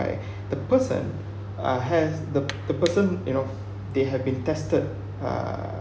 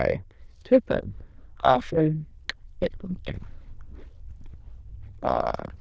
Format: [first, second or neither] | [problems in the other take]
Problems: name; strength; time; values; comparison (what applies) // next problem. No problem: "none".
first | noise reduction (neural diffusion model UNIVERSE++)